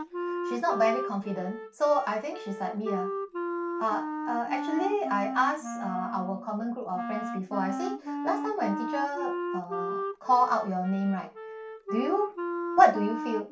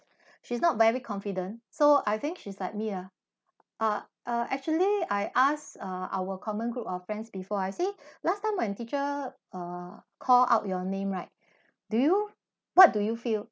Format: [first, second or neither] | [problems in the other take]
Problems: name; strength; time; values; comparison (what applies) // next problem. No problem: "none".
second | background sound (Wind instrument, woodwind instrument); 5 dB below the speech // room echo; dies away in 0.3 s